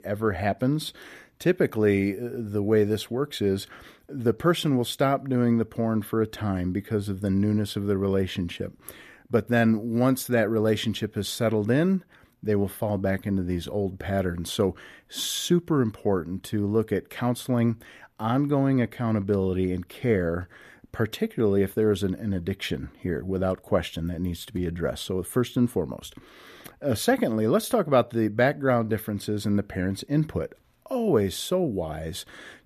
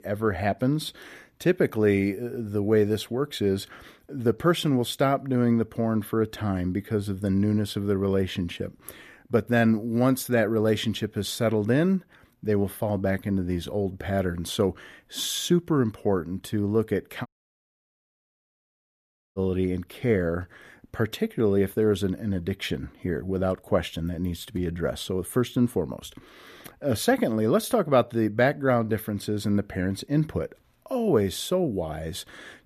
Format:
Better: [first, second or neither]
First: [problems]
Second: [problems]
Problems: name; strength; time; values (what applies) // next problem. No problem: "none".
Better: first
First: none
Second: audio cutting out; at 17 s for 2 s